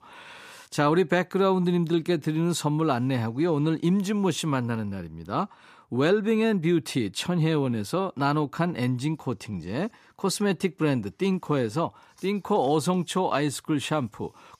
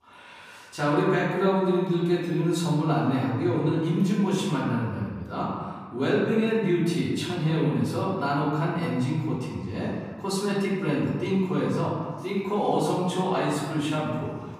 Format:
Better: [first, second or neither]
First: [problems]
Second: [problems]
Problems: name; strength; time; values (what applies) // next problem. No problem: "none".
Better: first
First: none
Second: off-mic speech; far // room echo; noticeable; dies away in 1.4 s